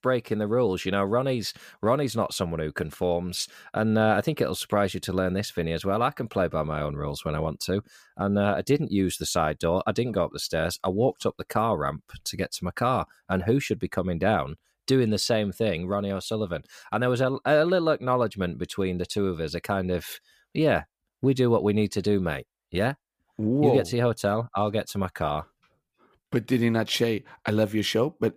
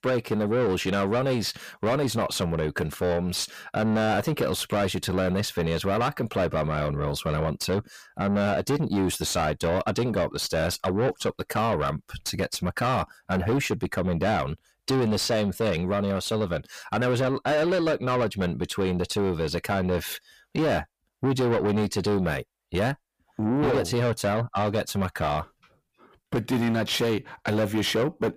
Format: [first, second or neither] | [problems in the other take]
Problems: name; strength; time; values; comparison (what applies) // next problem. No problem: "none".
first | distortion; heavy; 8 dB below the speech